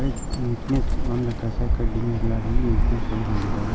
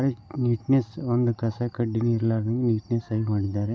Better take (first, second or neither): second